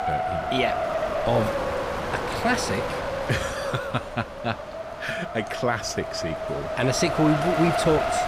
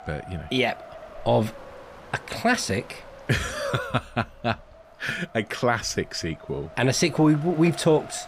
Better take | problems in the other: second | wind noise on the microphone; heavy; 1 dB above the speech; occasional gusts in the second

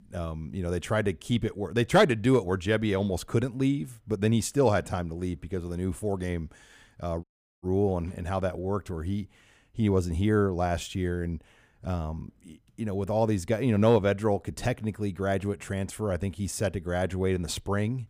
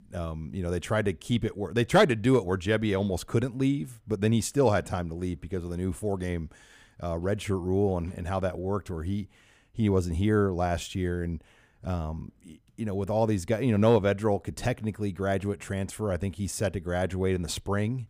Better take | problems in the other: second | audio cutting out; at 7 s

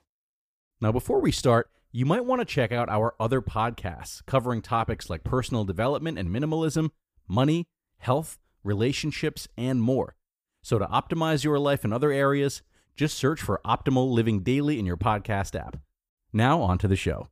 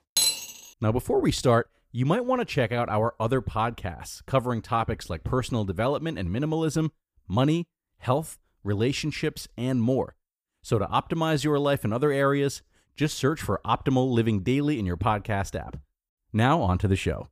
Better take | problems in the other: first | clattering dishes; loud; at the start; peak 4 dB above the speech

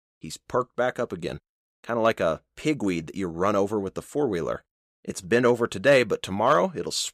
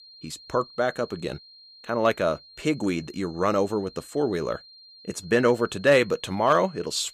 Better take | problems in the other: first | high-pitched whine; faint; throughout; 4 kHz, 20 dB below the speech

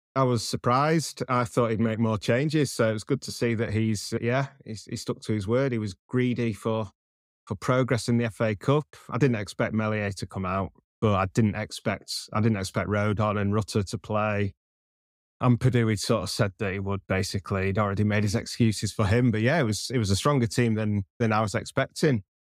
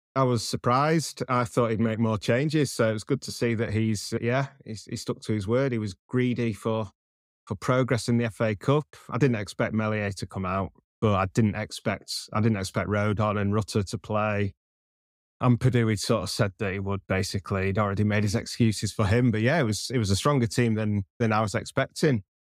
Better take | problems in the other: neither | none

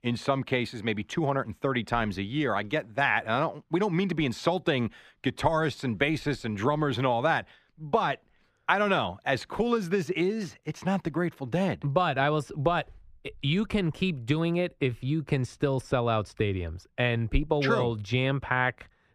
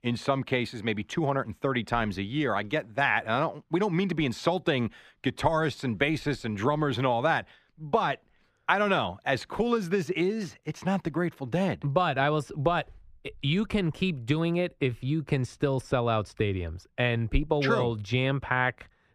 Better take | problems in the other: neither | muffled; slightly; fading above 4 kHz; the same in both

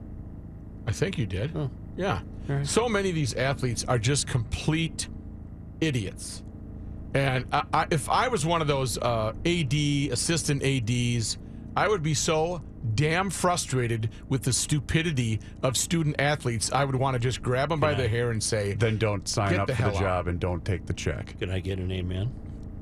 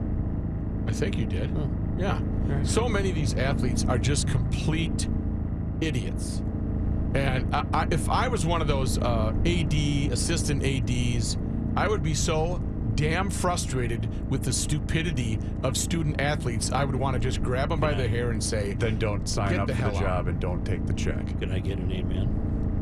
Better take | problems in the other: first | low rumble; loud; throughout; 8 dB below the speech; faint in the first

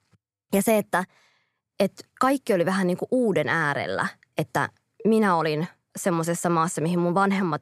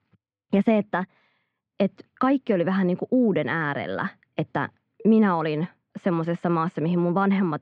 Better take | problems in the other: first | muffled; slightly; fading above 3 kHz

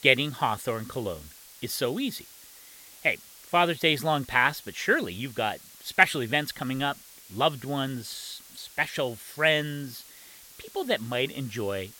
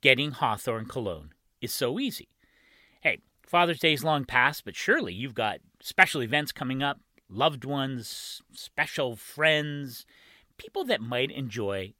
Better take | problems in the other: second | hiss; noticeable; throughout; 20 dB below the speech

